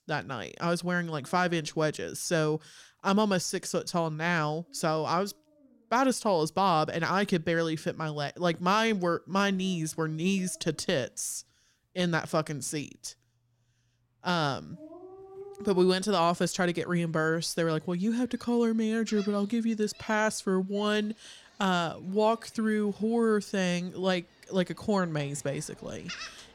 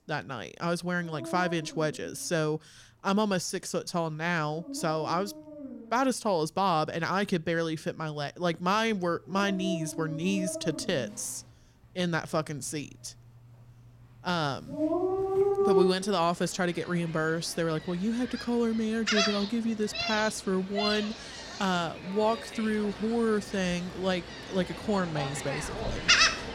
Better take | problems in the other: first | animal sounds; loud; throughout; 2 dB below the speech; faint in the first

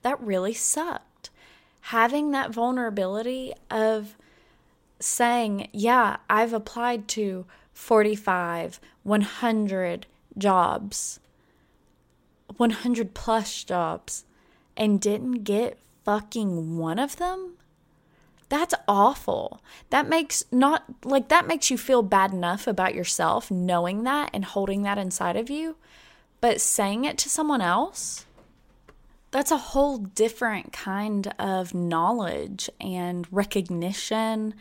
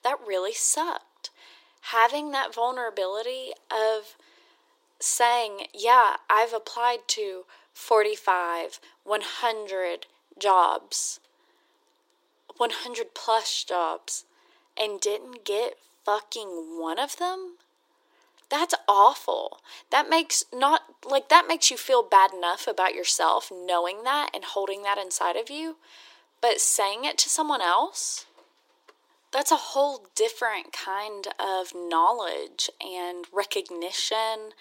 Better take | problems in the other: first | thin; very; fading below 350 Hz

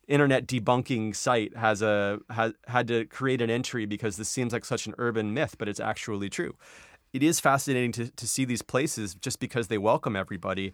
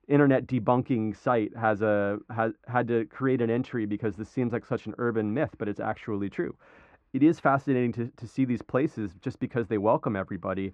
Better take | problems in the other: first | muffled; very; fading above 1.5 kHz

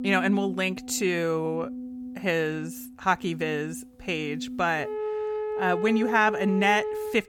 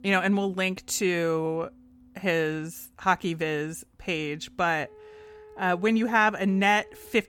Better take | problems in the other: second | background music; loud; throughout; 7 dB below the speech; faint in the second

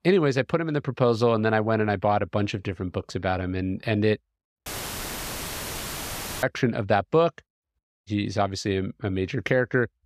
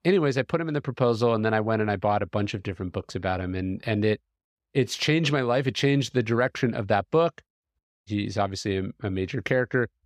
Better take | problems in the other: second | audio cutting out; filled with static; at 4.5 s for 2 s

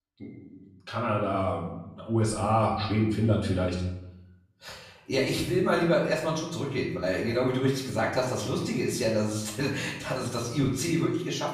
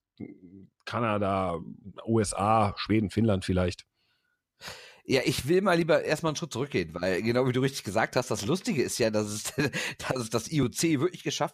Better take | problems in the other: second | room echo; noticeable; dies away in 0.7 s // off-mic speech; far

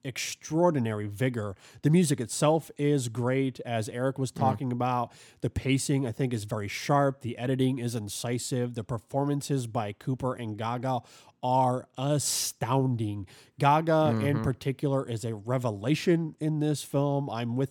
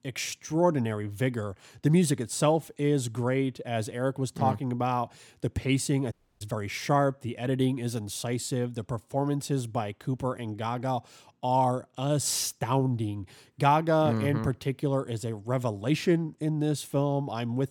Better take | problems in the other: first | audio cutting out; at 6 s

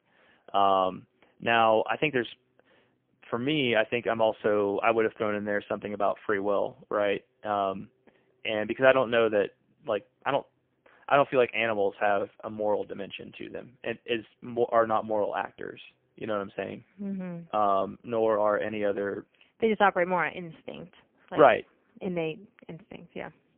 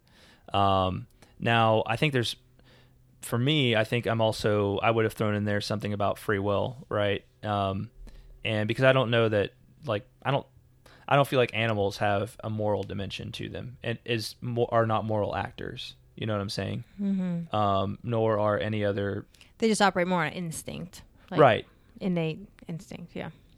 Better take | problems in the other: second | phone-call audio; poor line; nothing above 3 kHz

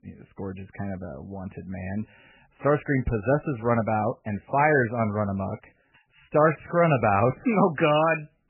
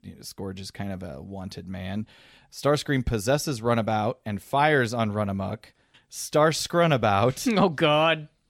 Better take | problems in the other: second | garbled, watery; badly; nothing above 3 kHz

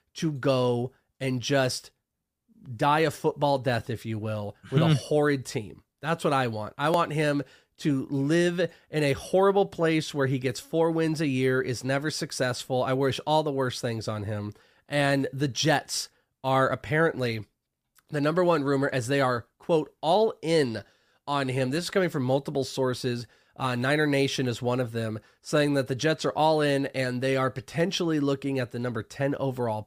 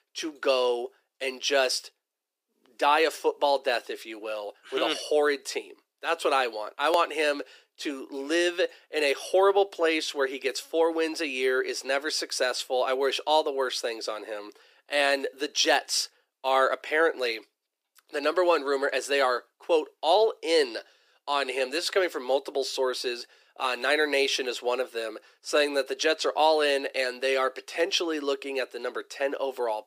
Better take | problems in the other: first | thin; very; fading below 350 Hz

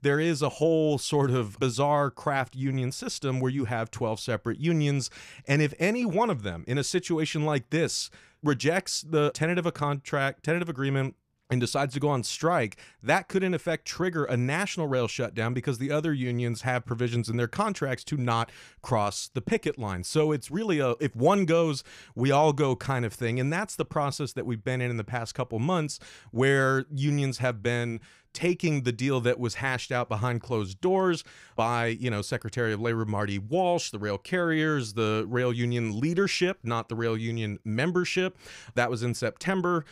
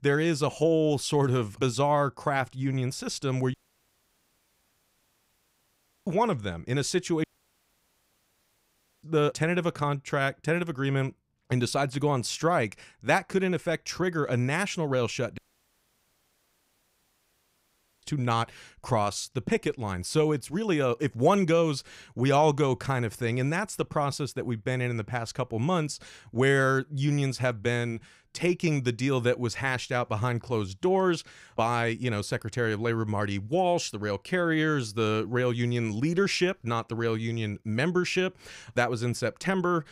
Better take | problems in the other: first | audio cutting out; at 3.5 s for 2.5 s, at 7 s for 2 s and at 15 s for 2.5 s

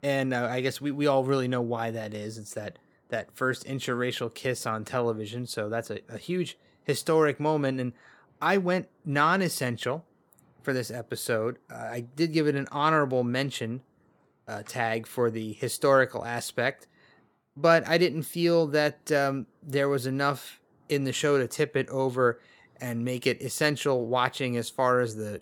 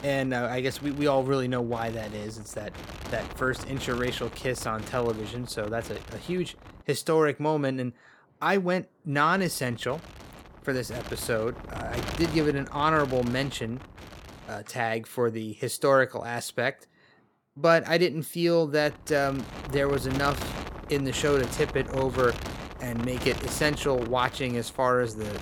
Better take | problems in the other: first | wind noise on the microphone; occasional gusts; until 7 s, from 9.5 to 15 s and from 19 s on; 15 dB below the speech

